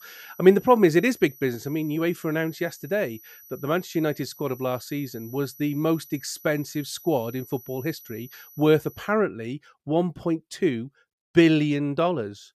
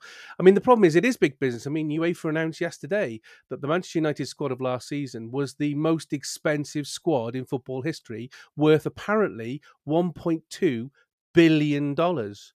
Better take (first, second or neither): second